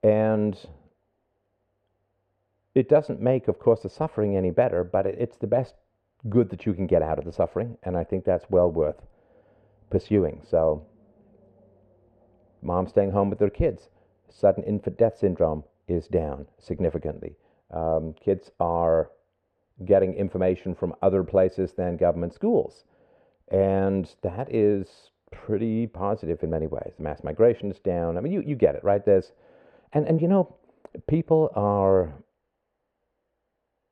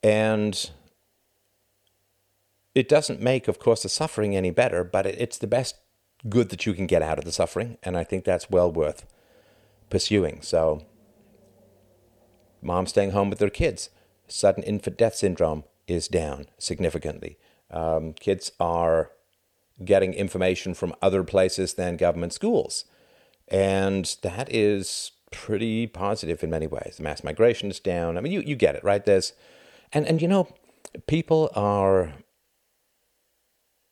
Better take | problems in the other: second | muffled; very; fading above 3 kHz

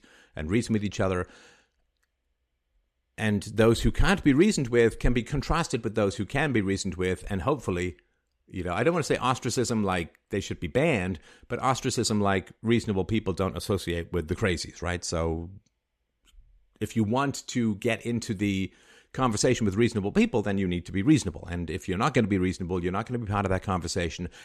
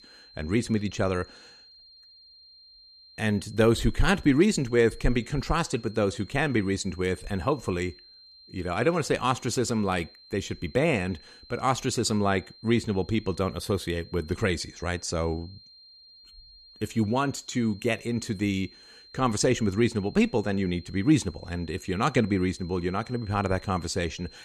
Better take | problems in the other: first | high-pitched whine; faint; throughout; 4 kHz, 25 dB below the speech

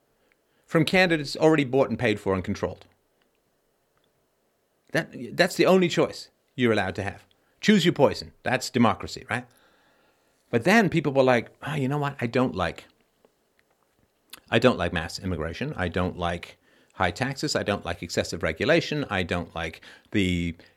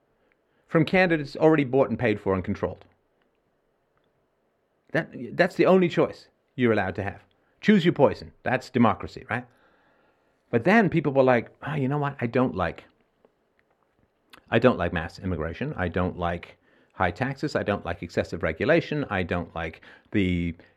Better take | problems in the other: first | muffled; slightly; fading above 3.5 kHz

